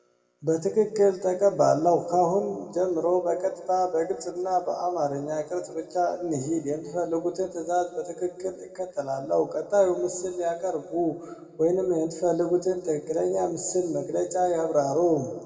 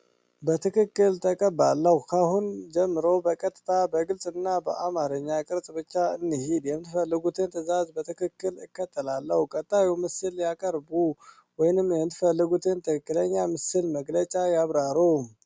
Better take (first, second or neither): second